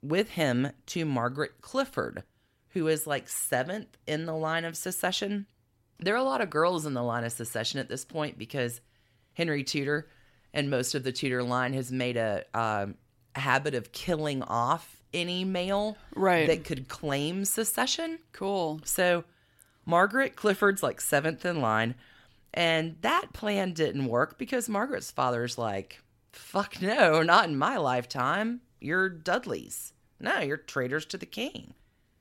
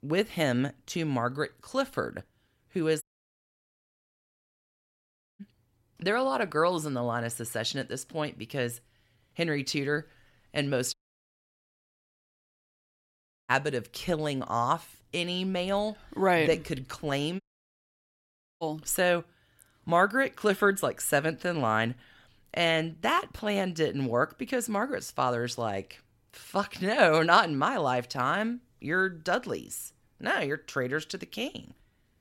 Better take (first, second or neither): first